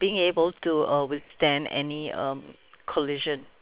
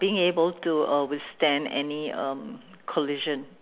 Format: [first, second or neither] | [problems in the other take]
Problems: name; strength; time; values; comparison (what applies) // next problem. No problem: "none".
second | noise reduction (neural separator model SepFormer WHAM!)